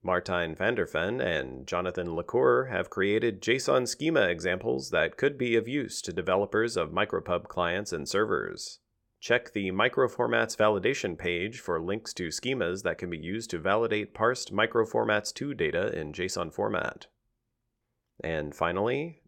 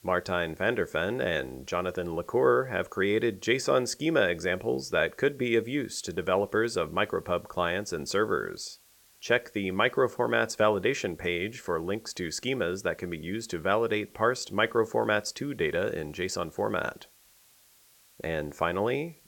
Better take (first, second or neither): first